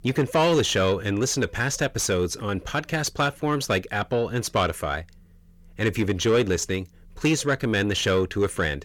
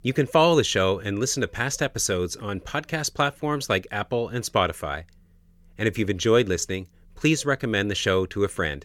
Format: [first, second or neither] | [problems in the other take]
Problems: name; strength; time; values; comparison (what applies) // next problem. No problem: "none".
second | distortion; slight; 10 dB below the speech